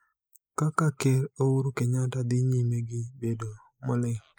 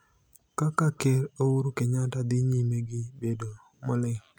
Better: second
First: noise reduction (neural mask model Resemble Enhance denoiser)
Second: none

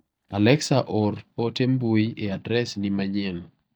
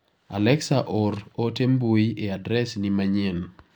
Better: second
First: noise reduction (neural mask model DeepFilterNet 3)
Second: none

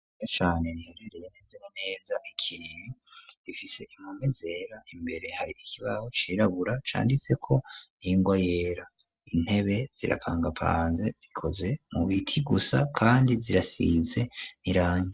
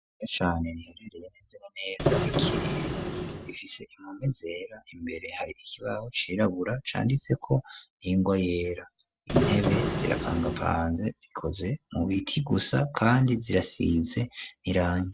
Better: first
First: none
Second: background sound (Printer); 1 dB above the speech

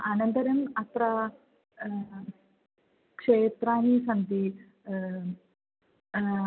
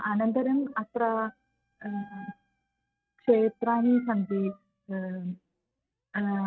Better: first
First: none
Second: noise reduction (neural mask model RNNoise)

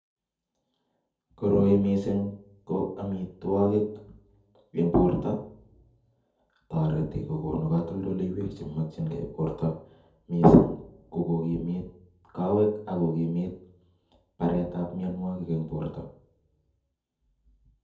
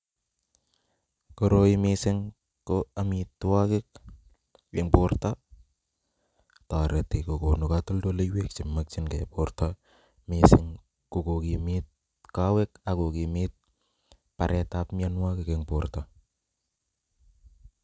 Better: second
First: room echo; dies away in 0.5 s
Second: none

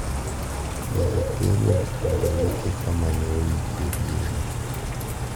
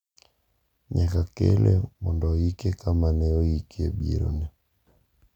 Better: second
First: background sound (Bird / Rain); as loud as the speech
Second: none

